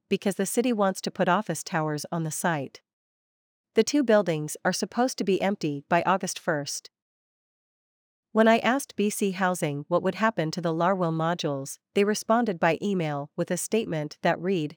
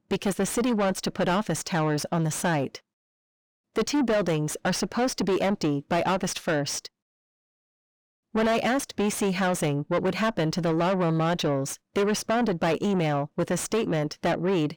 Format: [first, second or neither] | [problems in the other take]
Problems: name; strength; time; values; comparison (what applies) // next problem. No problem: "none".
first | distortion; heavy; 6 dB below the speech